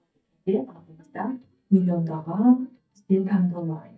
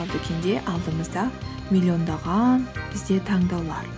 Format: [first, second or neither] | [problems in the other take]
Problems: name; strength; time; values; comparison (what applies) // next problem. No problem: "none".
second | noise reduction (neural mask model DeepFilterNet 3)